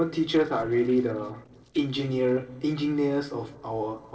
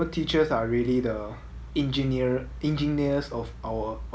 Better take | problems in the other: second | noise reduction (neural separator model SepFormer DNS4)

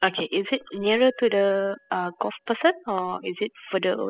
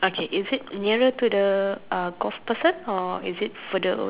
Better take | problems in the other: second | noise reduction (classical method spectral subtraction)

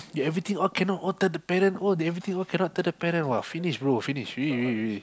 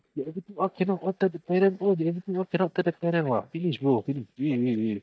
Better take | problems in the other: first | noise reduction (neural mask model DeepFilterNet 3)

